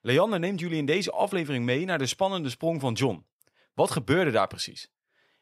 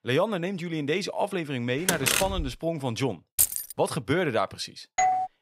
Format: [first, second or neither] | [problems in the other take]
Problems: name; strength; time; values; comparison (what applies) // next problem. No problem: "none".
first | door banging; loud; at 2 s; peak 5 dB above the speech // jangling keys; loud; at 3.5 s; peak 5 dB above the speech // doorbell; loud; at 5 s; peak 4 dB above the speech